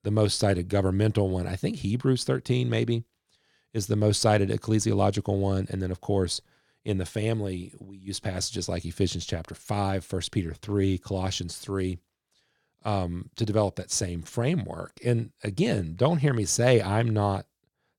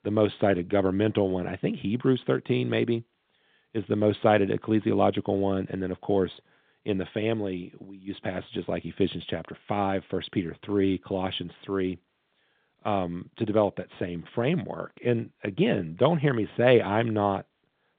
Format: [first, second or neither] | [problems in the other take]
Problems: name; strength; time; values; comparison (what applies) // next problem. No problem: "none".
first | phone-call audio; nothing above 3.5 kHz